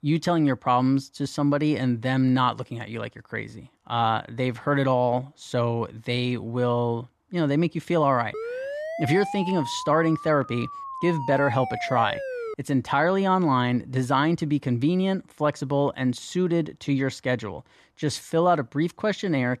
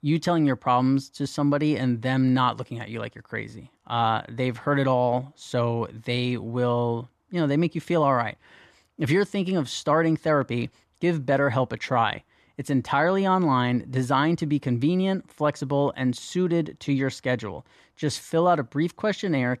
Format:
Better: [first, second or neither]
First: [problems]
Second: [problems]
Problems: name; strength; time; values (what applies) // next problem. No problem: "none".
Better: second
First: siren; noticeable; from 8.5 to 13 s; peak 7 dB below the speech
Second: none